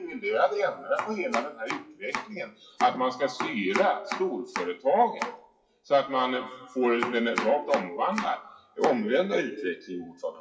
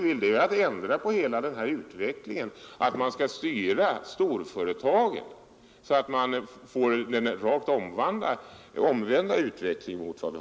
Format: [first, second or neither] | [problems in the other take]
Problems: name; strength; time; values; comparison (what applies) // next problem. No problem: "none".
second | noise reduction (classical method WPE with log-MMSE)